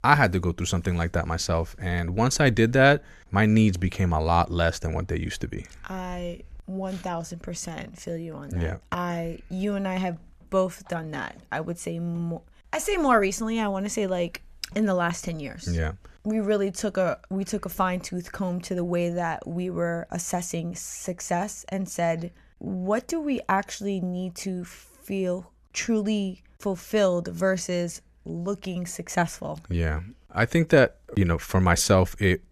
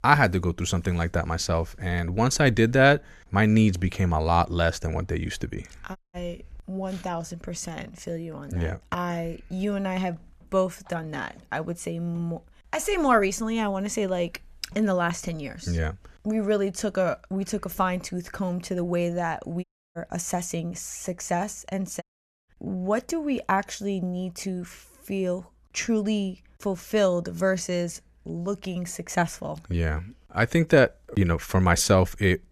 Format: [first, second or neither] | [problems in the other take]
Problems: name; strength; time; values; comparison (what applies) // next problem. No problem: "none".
first | audio cutting out; at 6 s, at 20 s and at 22 s